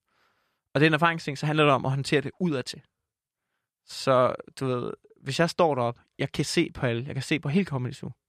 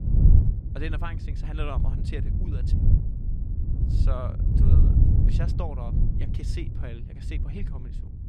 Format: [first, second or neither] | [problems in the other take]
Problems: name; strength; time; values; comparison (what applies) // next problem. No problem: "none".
first | wind noise on the microphone; heavy; as loud as the speech